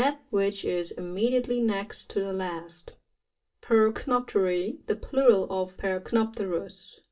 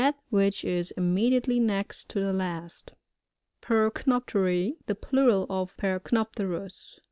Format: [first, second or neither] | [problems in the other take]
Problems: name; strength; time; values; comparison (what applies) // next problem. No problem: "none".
second | room echo; dies away in 0.2 s